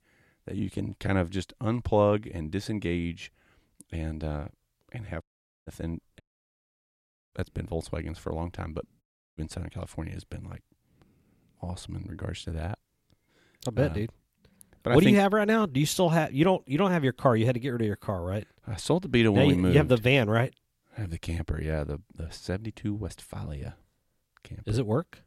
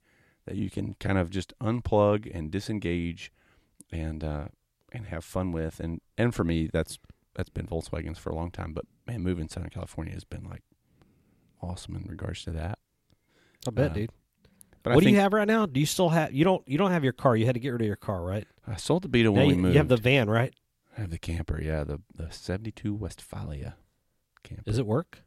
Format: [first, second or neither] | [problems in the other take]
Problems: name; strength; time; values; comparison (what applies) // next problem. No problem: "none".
second | audio cutting out; at 5 s, at 6 s for 1 s and at 9 s